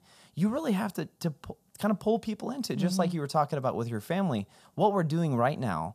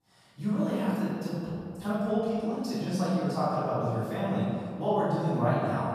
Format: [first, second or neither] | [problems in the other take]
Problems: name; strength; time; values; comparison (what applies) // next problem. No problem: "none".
first | off-mic speech; far // room echo; strong; dies away in 2 s